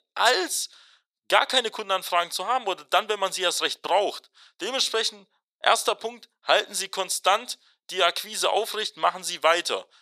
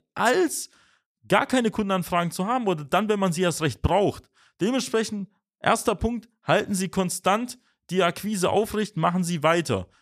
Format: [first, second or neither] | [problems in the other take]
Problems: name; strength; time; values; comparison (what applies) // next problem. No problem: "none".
second | thin; very; fading below 500 Hz